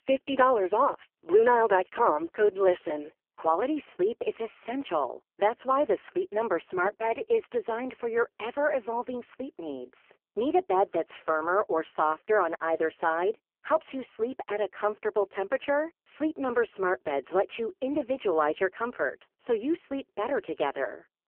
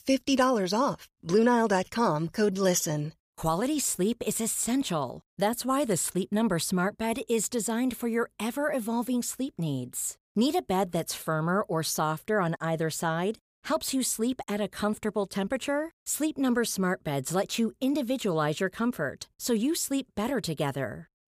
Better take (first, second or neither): second